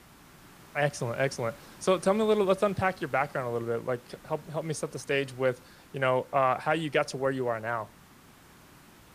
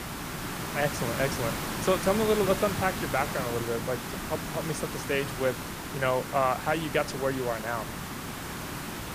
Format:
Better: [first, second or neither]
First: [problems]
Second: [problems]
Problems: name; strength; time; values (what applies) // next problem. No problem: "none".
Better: first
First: hiss; faint; throughout; 25 dB below the speech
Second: hiss; loud; throughout; 4 dB below the speech